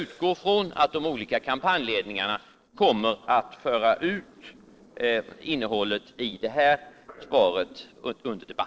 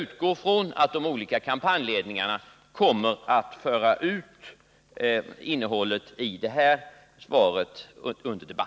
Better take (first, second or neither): second